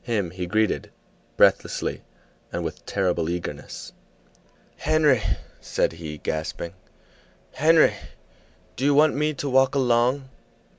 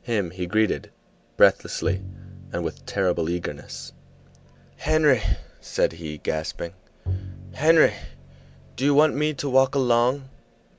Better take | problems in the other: first | background sound (Bowed string instrument); 12 dB below the speech

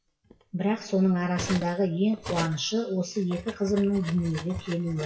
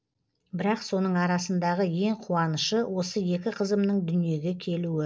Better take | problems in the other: second | noise reduction (classical method WPE with log-MMSE)

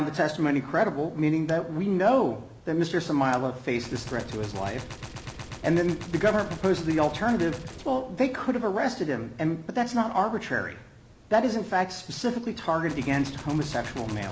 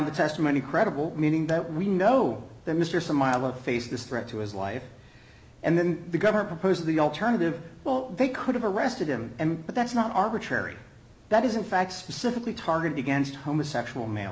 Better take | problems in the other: second | background sound (Gunshot, gunfire); 16 dB below the speech

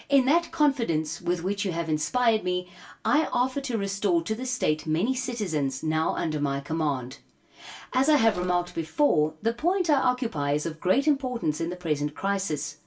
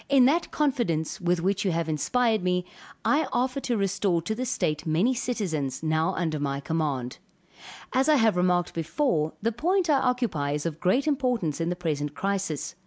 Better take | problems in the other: second | background sound (Mechanisms); 18 dB below the speech // room echo; dies away in 0.2 s

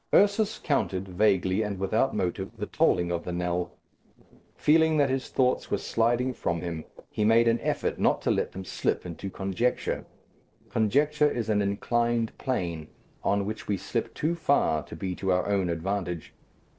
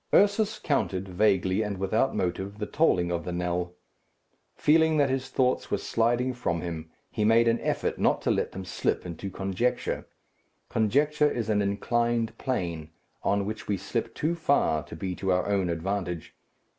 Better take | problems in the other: second | noise reduction (neural separator model SepFormer DNS4)

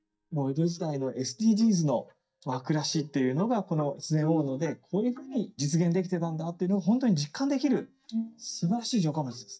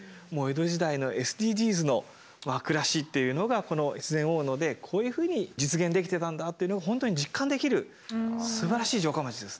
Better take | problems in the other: second | noise reduction (neural mask model DeepFilterNet 3)

